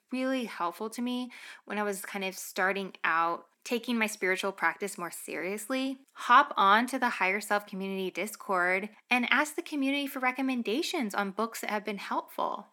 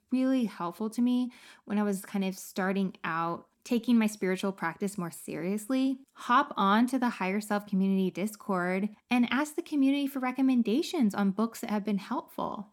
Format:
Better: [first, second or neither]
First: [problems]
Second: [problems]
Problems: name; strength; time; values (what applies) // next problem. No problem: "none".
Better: second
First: thin; somewhat; fading below 400 Hz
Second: none